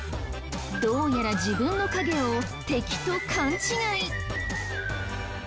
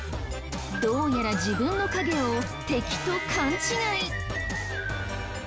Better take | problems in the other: first | background sound (Doorbell + Trumpet); 13 dB below the speech

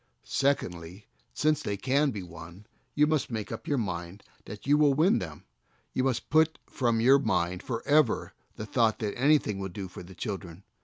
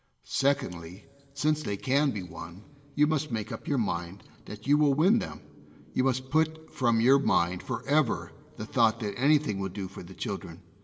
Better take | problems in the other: first | room echo; dies away in 2.8 s

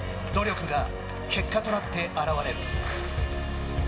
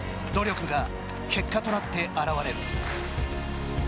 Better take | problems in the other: second | room echo; dies away in 0.7 s

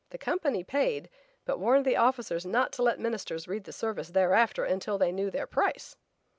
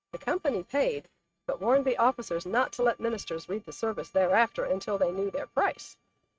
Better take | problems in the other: first | noise reduction (neural mask model RNNoise)

